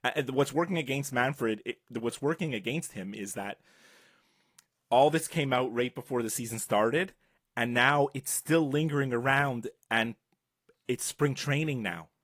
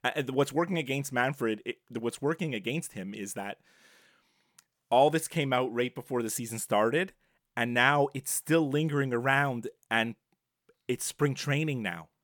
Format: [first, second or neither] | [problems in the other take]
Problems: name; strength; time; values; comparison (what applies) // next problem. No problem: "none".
second | garbled, watery; slightly; nothing above 15 kHz